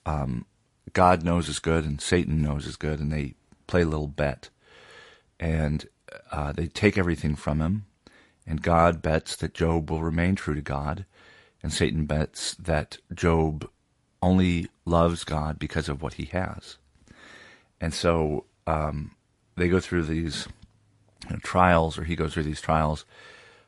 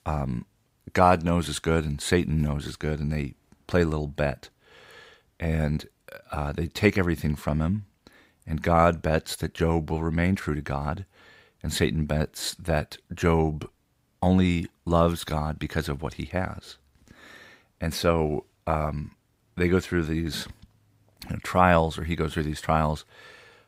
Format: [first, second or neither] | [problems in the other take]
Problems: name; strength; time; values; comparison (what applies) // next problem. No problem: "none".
second | garbled, watery; slightly; nothing above 11 kHz